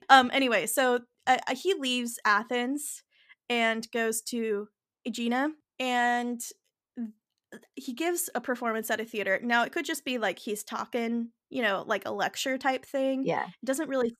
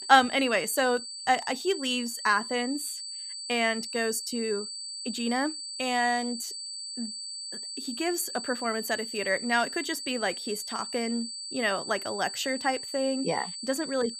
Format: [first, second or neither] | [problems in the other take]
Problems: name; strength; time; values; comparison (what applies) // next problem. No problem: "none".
first | high-pitched whine; loud; throughout; 4.5 kHz, 7 dB below the speech